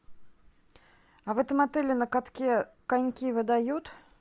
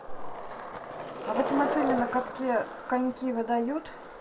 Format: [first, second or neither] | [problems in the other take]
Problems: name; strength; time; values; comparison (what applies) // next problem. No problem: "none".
first | background sound (Skateboard); 5 dB below the speech // room echo; dies away in 0.2 s